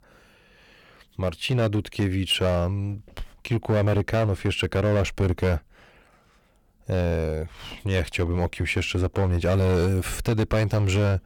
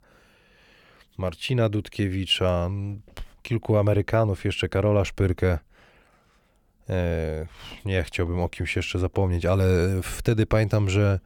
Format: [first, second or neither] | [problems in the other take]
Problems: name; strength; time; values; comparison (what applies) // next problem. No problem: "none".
second | distortion; slight; 10% of the sound clipped